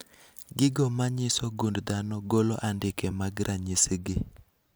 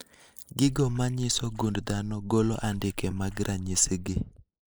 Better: first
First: none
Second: noise reduction (neural mask model Resemble Enhance denoiser)

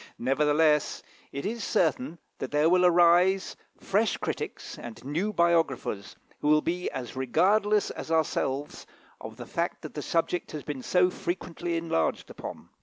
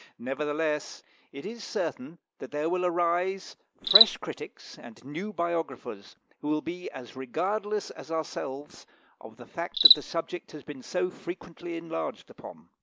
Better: first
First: none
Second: noise reduction (neural mask model Resemble Enhance denoiser)

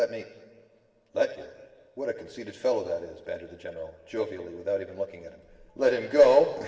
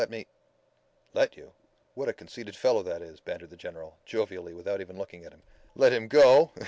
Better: second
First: room echo; dies away in 2 s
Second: none

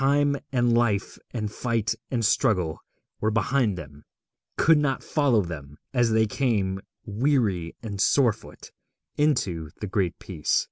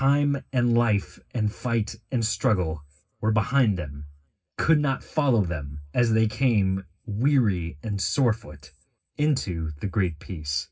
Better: first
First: none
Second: room echo; dies away in 0.4 s

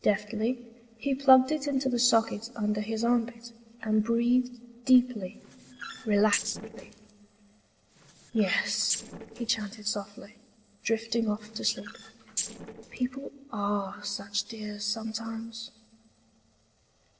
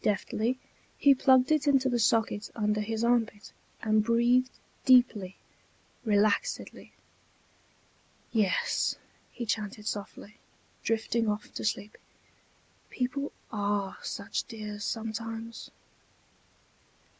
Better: second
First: noise reduction (neural separator model SepFormer DNS4)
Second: none

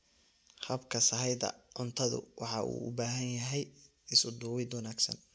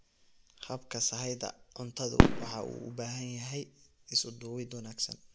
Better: first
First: none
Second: background sound (Fireworks); 5 dB above the speech

